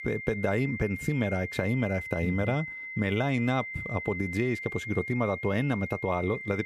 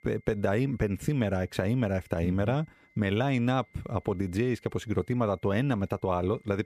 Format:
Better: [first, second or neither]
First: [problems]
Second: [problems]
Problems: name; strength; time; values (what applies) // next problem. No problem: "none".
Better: second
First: high-pitched whine; loud; throughout; 2 kHz, 7 dB below the speech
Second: high-pitched whine; faint; throughout; 2 kHz, 30 dB below the speech